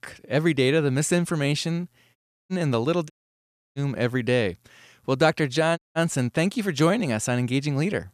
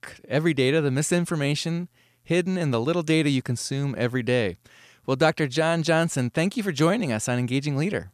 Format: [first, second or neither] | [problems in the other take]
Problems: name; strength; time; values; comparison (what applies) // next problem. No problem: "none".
second | audio cutting out; at 2 s, at 3 s for 0.5 s and at 6 s